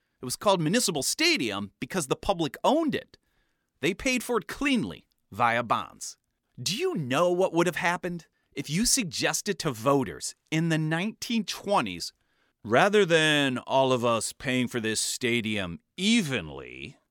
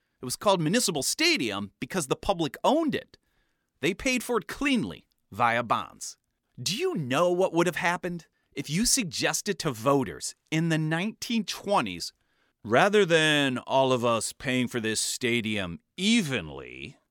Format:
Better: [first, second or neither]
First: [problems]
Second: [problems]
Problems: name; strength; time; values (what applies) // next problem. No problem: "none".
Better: neither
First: none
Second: none